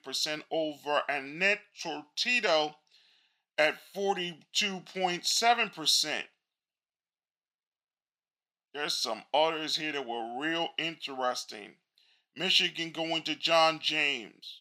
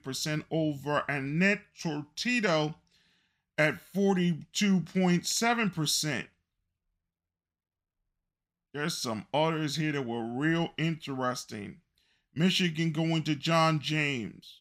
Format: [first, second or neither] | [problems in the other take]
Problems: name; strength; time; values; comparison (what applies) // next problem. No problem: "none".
second | thin; very; fading below 450 Hz